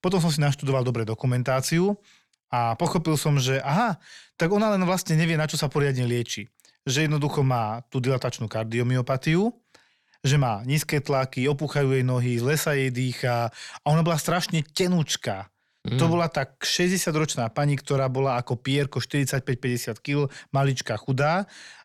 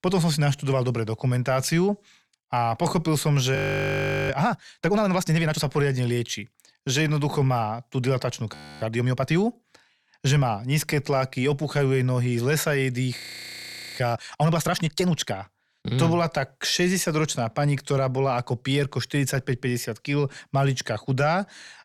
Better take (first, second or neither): first